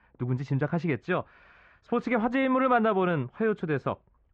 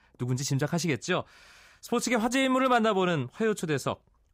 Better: second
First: muffled; very; fading above 2 kHz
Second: none

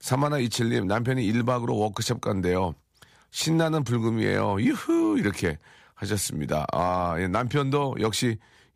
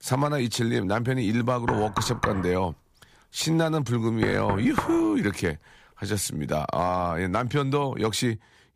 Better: first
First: none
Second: door banging; noticeable; from 1.5 to 5 s; peak 3 dB below the speech

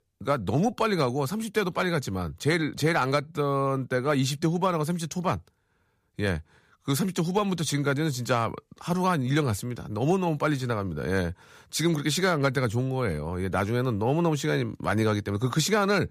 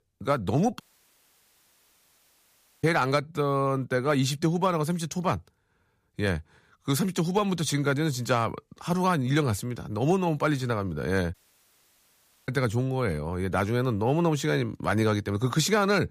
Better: first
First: none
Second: audio cutting out; at 1 s for 2 s and at 11 s for 1 s

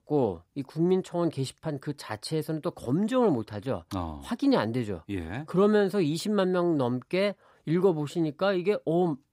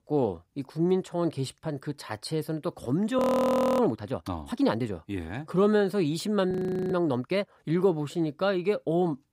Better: first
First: none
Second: audio freezing; at 3 s for 0.5 s and at 6.5 s

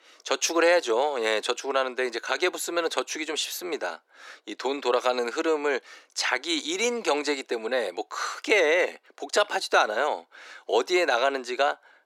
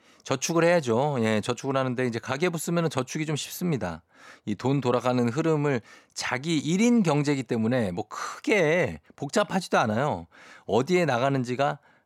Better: second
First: thin; very; fading below 350 Hz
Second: none

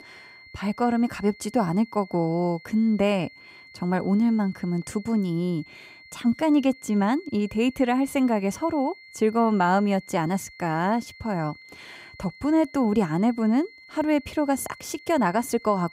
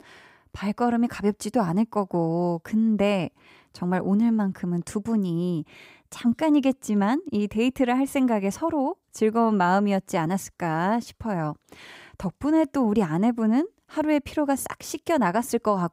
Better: second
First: high-pitched whine; faint; throughout; 2 kHz, 20 dB below the speech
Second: none

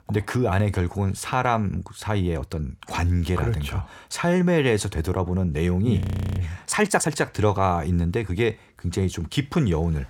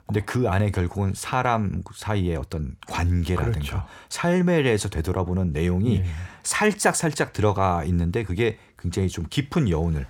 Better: second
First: audio freezing; at 6 s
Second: none

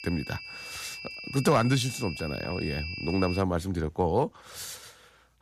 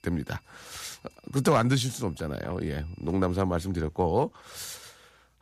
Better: second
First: high-pitched whine; loud; until 3.5 s; 2.5 kHz, 8 dB below the speech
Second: high-pitched whine; faint; until 3.5 s; 2.5 kHz, 35 dB below the speech

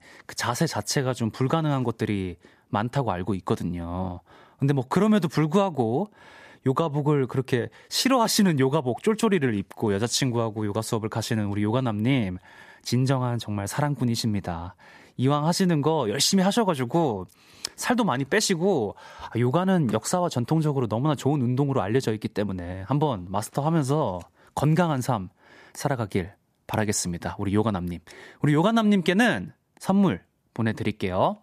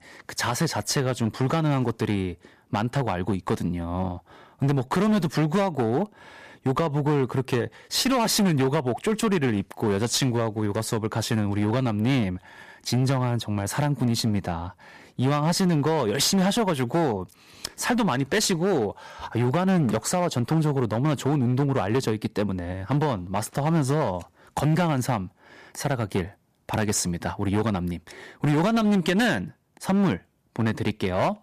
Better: first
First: none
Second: distortion; slight; 12% of the sound clipped

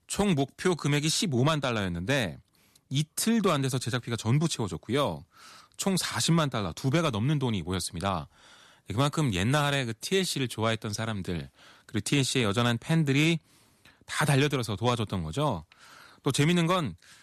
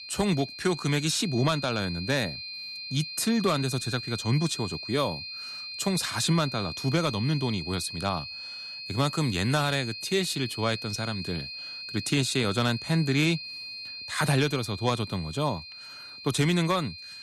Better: first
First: none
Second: high-pitched whine; loud; throughout; 4 kHz, 9 dB below the speech

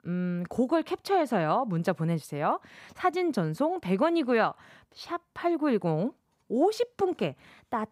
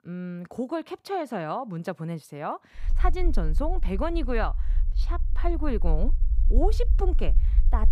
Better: first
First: none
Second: low rumble; noticeable; from 3 s on; 20 dB below the speech

